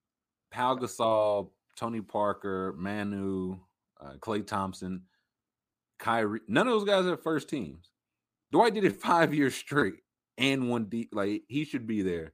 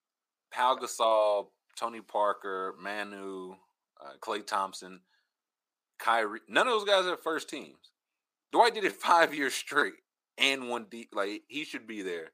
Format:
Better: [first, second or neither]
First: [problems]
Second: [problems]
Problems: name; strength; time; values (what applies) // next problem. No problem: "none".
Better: first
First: none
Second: thin; somewhat; fading below 550 Hz